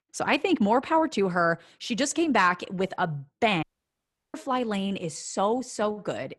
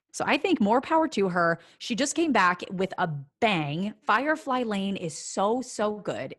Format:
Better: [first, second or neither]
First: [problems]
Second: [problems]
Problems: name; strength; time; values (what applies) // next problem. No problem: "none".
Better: second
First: audio cutting out; at 3.5 s for 0.5 s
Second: none